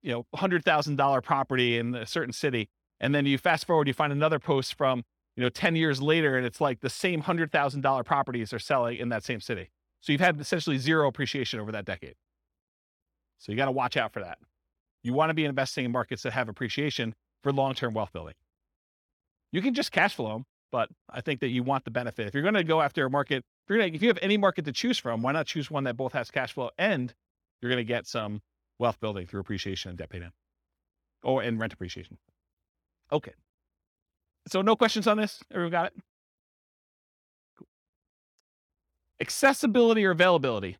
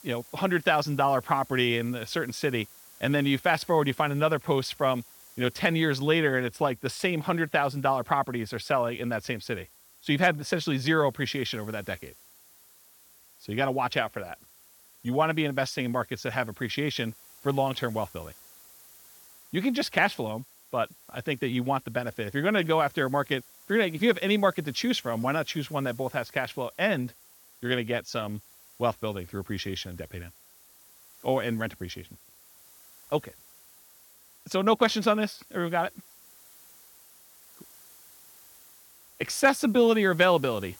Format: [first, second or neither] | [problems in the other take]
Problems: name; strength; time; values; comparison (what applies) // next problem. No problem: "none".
first | hiss; faint; throughout; 25 dB below the speech